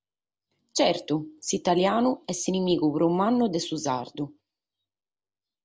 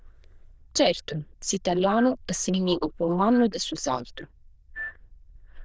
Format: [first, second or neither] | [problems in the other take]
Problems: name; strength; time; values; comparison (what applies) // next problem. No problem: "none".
first | noise reduction (neural diffusion model UNIVERSE++)